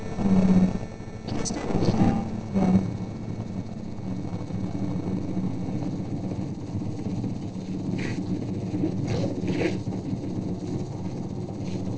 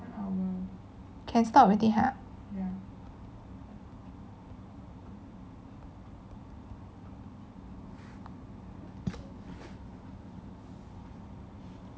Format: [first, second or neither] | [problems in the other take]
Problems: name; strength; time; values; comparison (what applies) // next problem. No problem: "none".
second | noise reduction (neural separator model SepFormer DNS4)